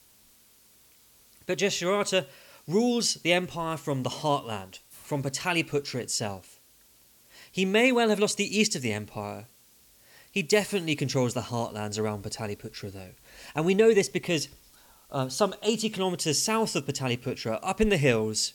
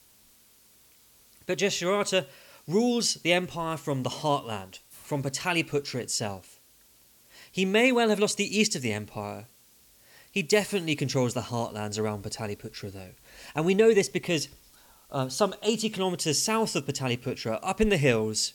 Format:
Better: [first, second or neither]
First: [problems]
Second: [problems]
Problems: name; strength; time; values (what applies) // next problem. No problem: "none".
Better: neither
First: hiss; faint; throughout; 25 dB below the speech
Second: hiss; faint; throughout; 25 dB below the speech